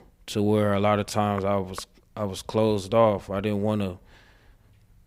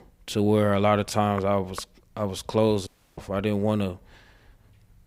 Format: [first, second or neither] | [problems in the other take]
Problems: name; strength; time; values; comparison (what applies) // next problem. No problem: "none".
first | audio cutting out; at 3 s